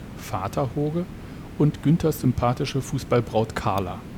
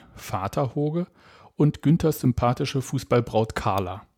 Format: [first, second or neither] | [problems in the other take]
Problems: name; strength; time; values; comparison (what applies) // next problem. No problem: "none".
second | hiss; noticeable; throughout; 15 dB below the speech